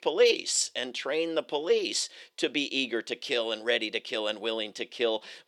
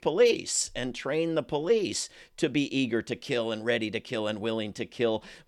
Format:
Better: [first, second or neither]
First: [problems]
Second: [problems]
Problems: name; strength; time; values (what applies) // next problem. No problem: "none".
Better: second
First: thin; very slightly; fading below 400 Hz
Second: none